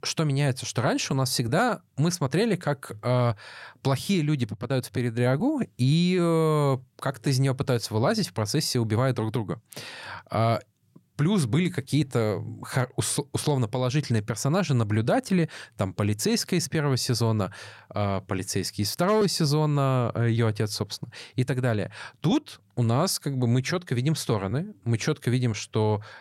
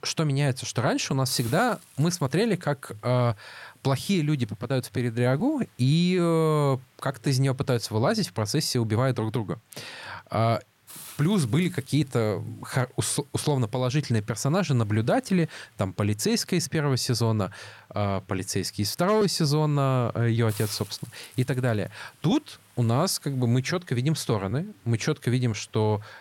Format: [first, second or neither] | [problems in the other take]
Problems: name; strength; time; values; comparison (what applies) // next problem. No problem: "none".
first | hiss; faint; throughout; 25 dB below the speech